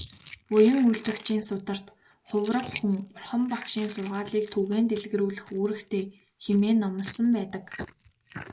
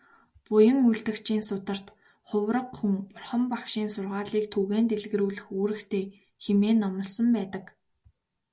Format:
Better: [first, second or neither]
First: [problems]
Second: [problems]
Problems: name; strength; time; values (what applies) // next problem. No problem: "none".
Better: second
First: noise reduction (neural mask model Resemble Enhance denoiser)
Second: none